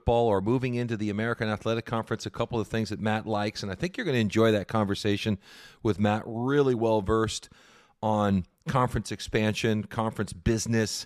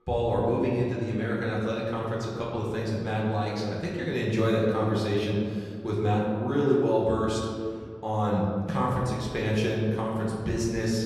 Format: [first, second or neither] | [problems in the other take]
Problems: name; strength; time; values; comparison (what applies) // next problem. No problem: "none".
first | room echo; noticeable; dies away in 1.9 s // off-mic speech; far